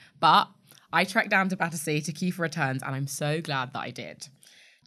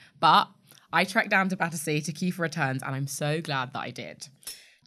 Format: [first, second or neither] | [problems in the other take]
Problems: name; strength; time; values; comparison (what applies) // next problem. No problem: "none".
first | clattering dishes; faint; at 4.5 s; peak 15 dB below the speech